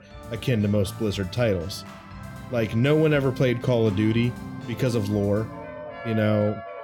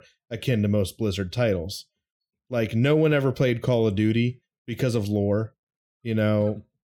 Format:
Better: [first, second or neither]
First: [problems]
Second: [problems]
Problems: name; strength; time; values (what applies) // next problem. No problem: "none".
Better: second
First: background music; noticeable; throughout; 15 dB below the speech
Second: none